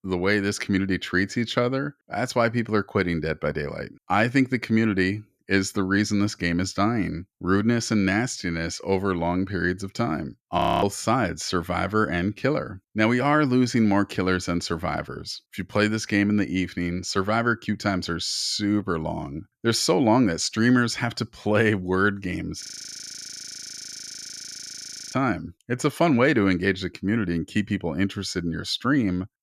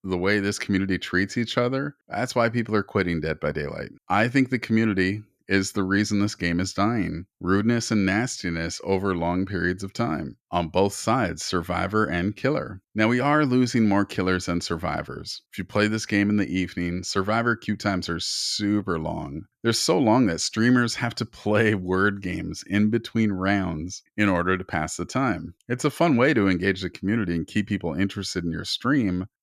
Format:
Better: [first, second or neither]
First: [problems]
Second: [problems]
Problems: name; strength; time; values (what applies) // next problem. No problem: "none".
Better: second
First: audio freezing; at 11 s and at 23 s for 2.5 s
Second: none